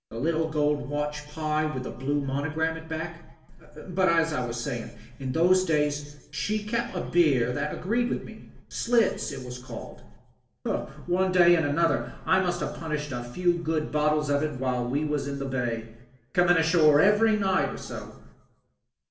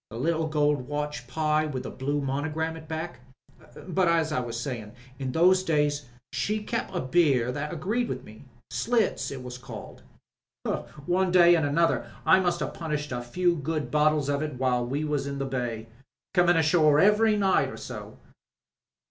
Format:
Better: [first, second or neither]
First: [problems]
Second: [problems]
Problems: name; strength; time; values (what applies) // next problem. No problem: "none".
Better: second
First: room echo; dies away in 0.9 s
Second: none